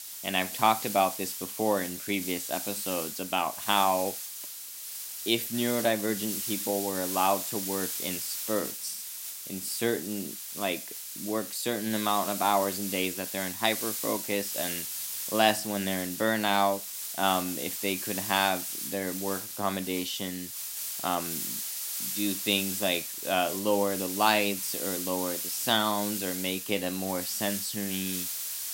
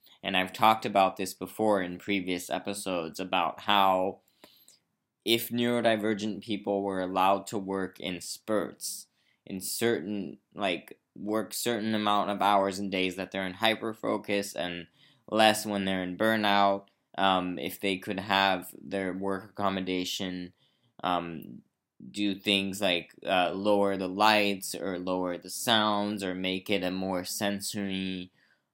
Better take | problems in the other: second | hiss; loud; throughout; 4 dB below the speech

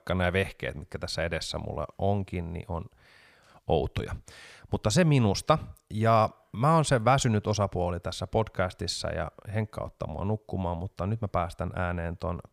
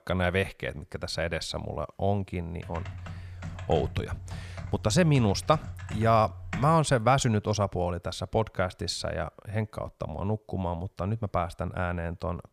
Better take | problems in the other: first | keyboard typing; noticeable; from 2.5 to 7 s; peak 8 dB below the speech

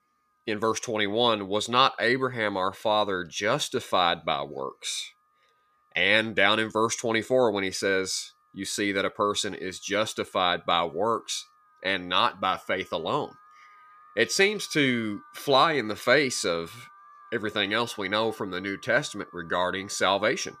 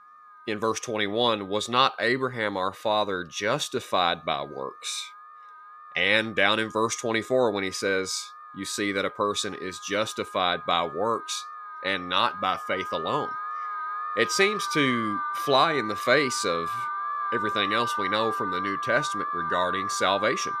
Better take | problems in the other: first | alarms or sirens; loud; throughout; 6 dB below the speech; faint in the first

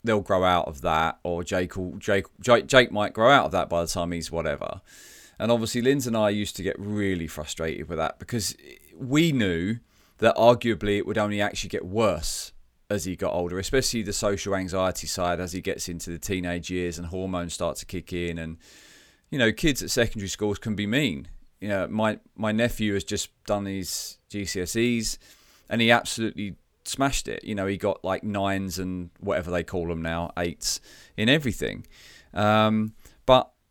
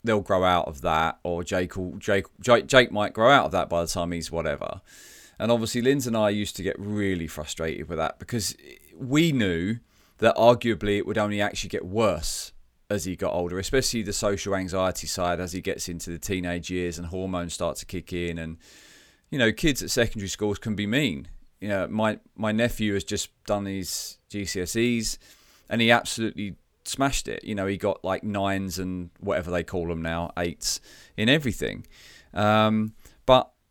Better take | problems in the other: neither | none

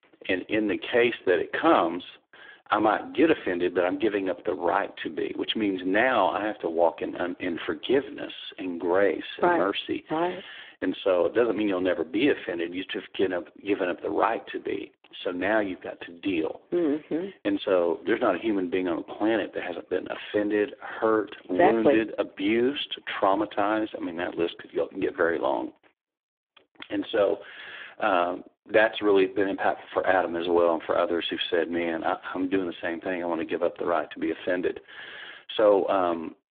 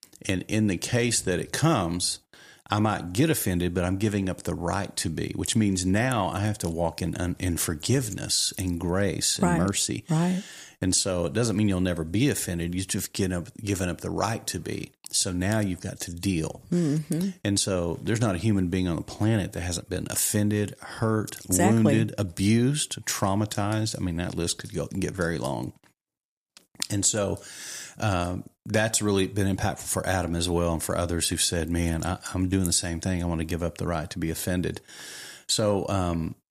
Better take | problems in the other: second | phone-call audio; poor line; nothing above 3.5 kHz

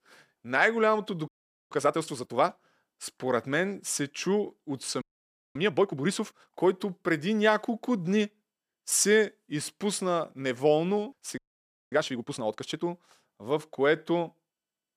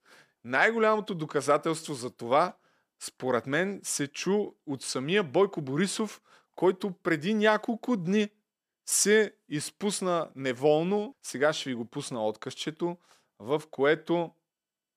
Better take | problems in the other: second | audio freezing; at 1.5 s, at 5 s for 0.5 s and at 11 s for 0.5 s

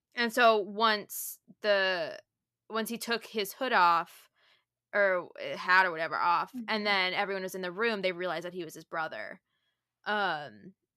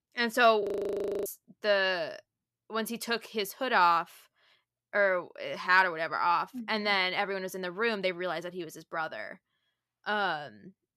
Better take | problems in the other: first | audio freezing; at 0.5 s for 0.5 s

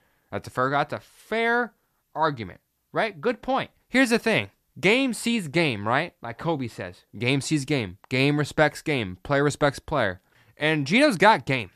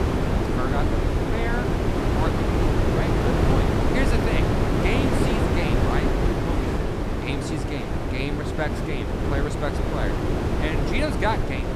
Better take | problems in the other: first | wind noise on the microphone; heavy; 3 dB above the speech

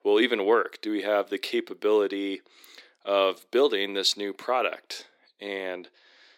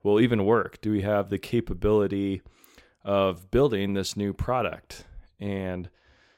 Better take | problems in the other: second | thin; somewhat; fading below 300 Hz

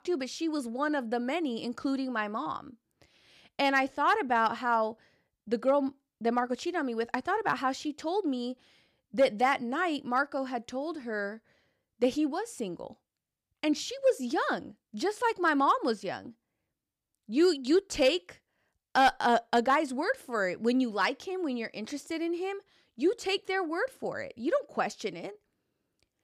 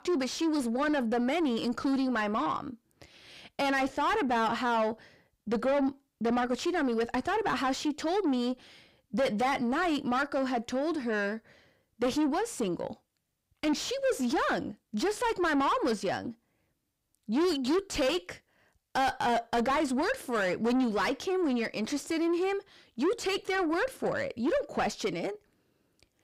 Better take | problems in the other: first | distortion; heavy; 6 dB below the speech

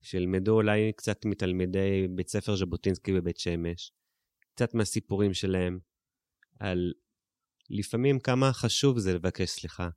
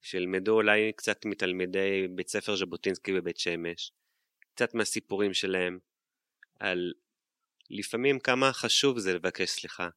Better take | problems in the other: first | thin; somewhat; fading below 300 Hz

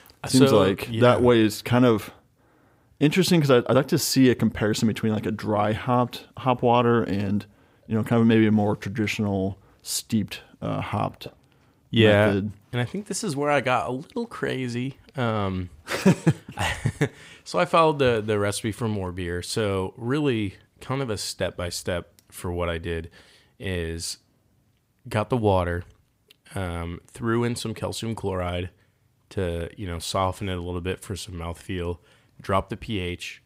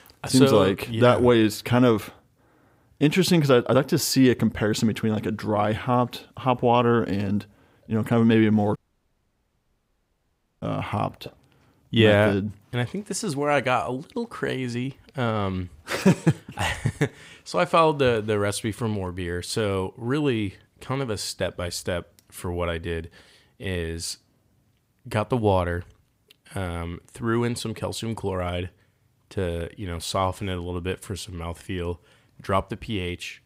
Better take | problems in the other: first | audio cutting out; at 9 s for 2 s

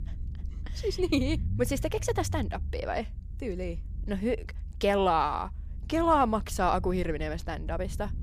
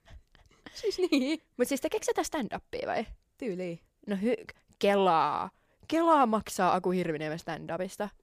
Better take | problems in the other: second | low rumble; faint; throughout; 25 dB below the speech

